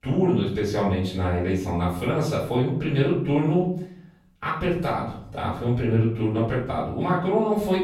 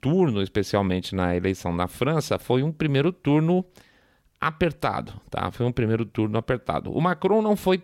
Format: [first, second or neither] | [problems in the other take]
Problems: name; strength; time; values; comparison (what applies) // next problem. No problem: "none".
second | off-mic speech; far // room echo; noticeable; dies away in 0.6 s